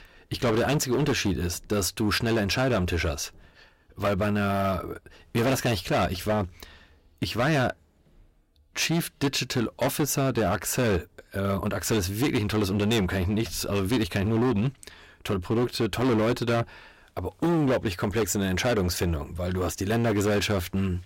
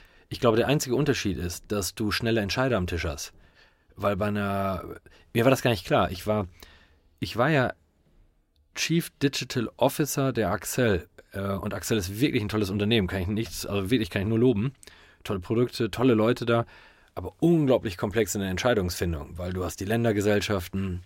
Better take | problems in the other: second | distortion; heavy; 14% of the sound clipped

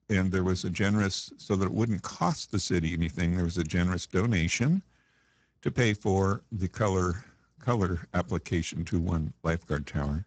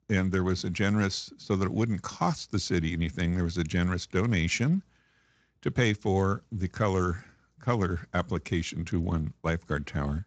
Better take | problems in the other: second | garbled, watery; badly; nothing above 7.5 kHz; slightly in the second

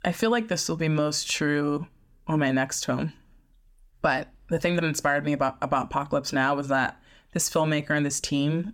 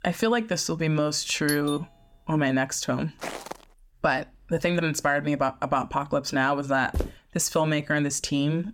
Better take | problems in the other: first | doorbell; noticeable; at 1.5 s; peak 7 dB below the speech // footsteps; noticeable; at 3 s and at 7 s; peak 7 dB below the speech

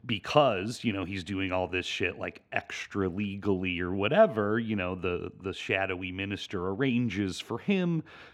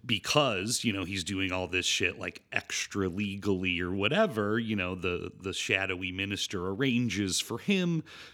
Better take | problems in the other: second | muffled; very; fading above 3.5 kHz

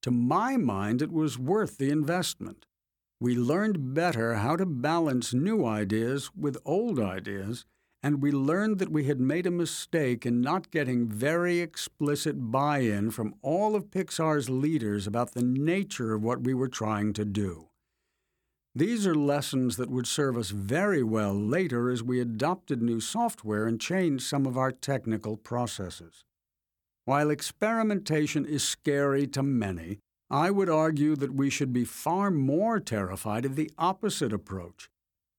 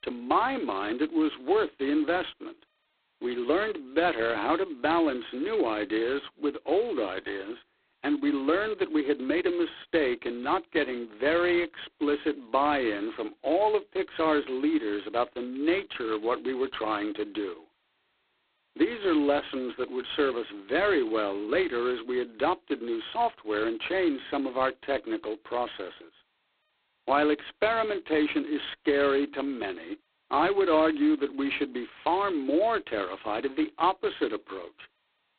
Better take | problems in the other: first | phone-call audio; poor line; nothing above 4 kHz

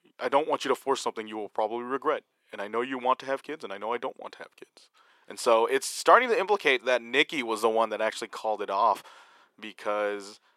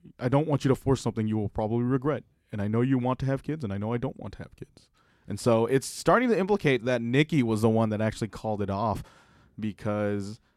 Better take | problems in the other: second | thin; very; fading below 450 Hz

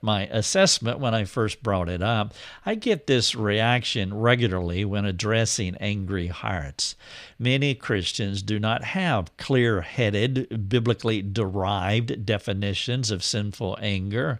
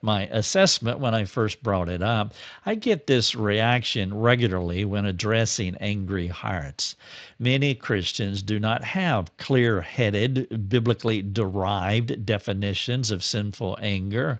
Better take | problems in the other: first | garbled, watery; slightly; nothing above 7.5 kHz

